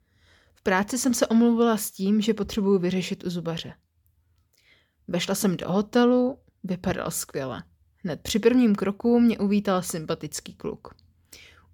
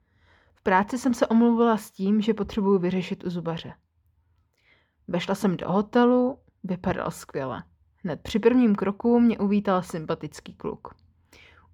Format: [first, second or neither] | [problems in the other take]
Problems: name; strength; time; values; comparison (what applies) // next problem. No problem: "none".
first | muffled; slightly; fading above 4 kHz